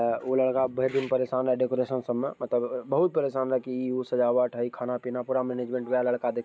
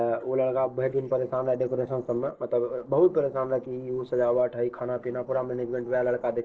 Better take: first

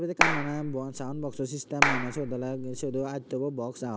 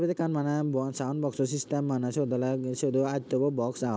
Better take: second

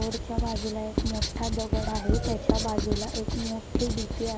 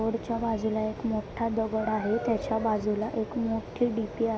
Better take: second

